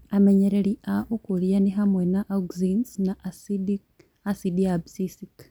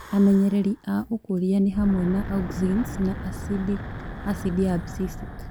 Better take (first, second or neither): first